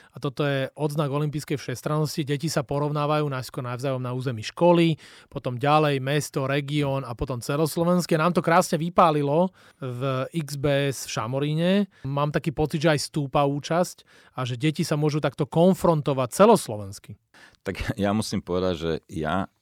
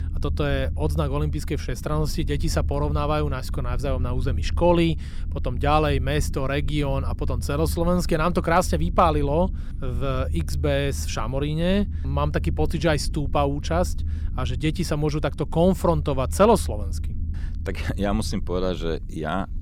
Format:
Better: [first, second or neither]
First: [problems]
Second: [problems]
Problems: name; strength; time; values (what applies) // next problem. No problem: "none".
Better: first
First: none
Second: low rumble; faint; throughout; 20 dB below the speech